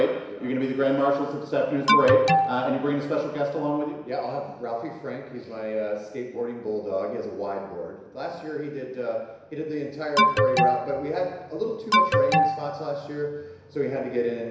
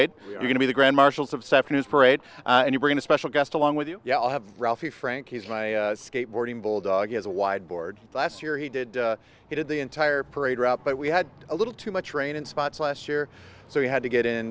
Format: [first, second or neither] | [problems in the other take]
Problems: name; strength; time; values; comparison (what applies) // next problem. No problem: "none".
second | background sound (Alarm); 5 dB above the speech // room echo; dies away in 1 s